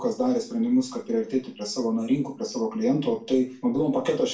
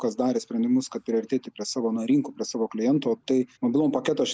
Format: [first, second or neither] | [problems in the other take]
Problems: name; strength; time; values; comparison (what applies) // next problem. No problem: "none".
second | room echo; dies away in 0.3 s